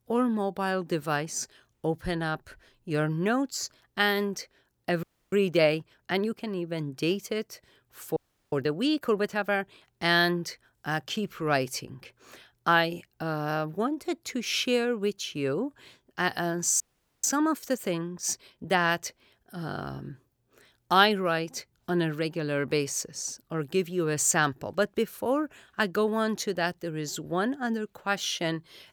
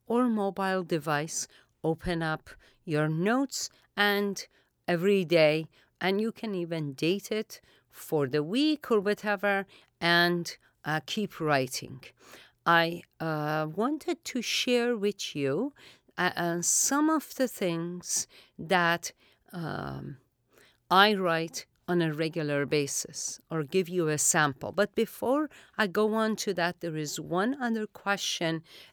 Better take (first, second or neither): second